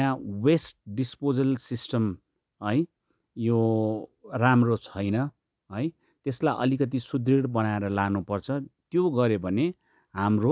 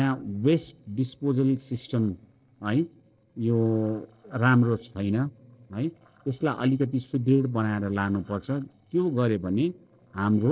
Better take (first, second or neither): first